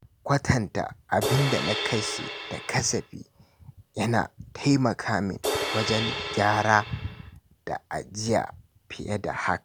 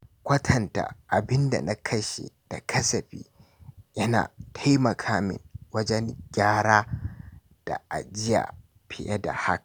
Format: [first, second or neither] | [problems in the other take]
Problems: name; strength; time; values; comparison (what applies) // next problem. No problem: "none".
second | background sound (Crash cymbal); 4 dB below the speech